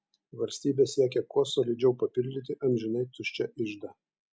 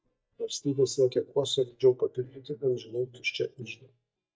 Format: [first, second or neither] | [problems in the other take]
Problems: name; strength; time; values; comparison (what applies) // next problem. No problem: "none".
first | noise reduction (neural mask model DeepFilterNet 3)